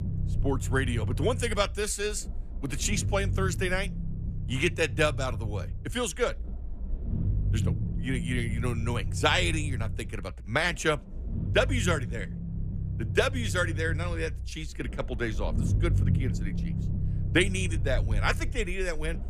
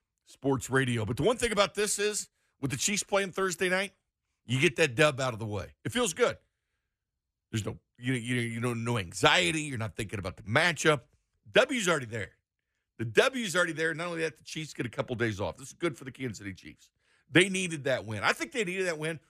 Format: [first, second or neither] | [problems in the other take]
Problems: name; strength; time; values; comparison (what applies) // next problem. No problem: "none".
second | low rumble; noticeable; throughout; 15 dB below the speech